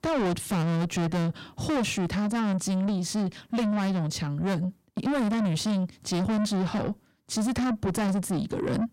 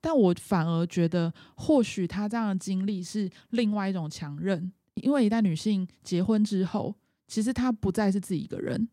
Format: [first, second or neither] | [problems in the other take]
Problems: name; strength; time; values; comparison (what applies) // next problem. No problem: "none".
second | distortion; heavy; 6 dB below the speech